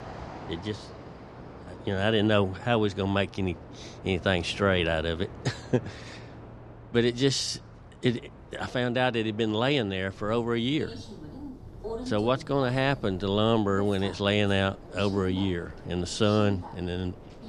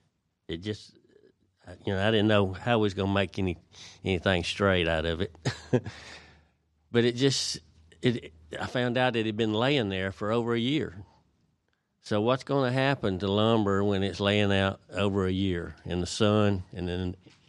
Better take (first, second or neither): second